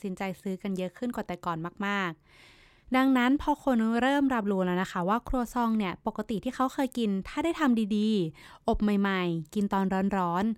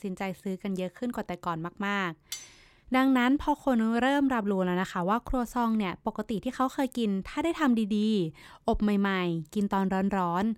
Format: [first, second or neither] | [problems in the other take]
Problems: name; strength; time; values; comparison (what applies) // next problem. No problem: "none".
first | clattering dishes; faint; at 2.5 s; peak 10 dB below the speech